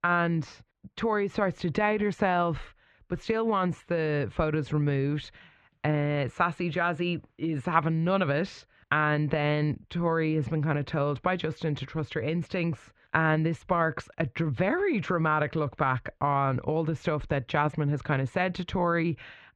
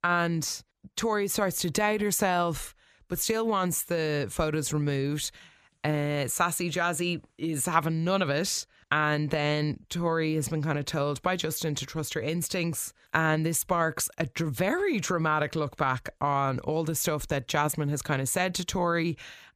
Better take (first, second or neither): second